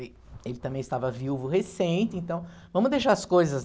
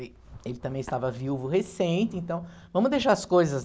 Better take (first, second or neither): first